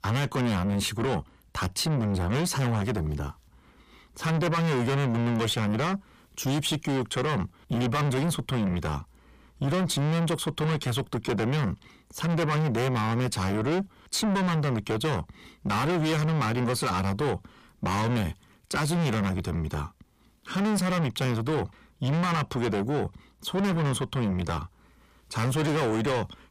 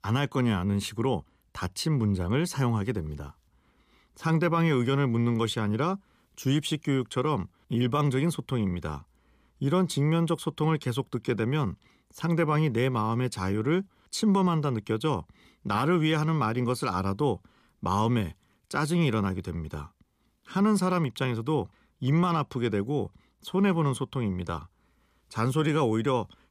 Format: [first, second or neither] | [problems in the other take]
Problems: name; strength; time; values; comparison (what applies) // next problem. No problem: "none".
second | distortion; heavy; 6 dB below the speech